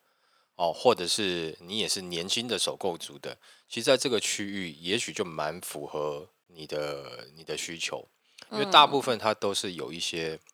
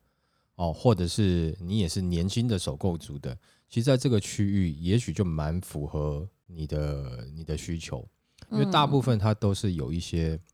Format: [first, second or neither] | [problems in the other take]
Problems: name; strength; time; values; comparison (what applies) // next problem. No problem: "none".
second | thin; very; fading below 500 Hz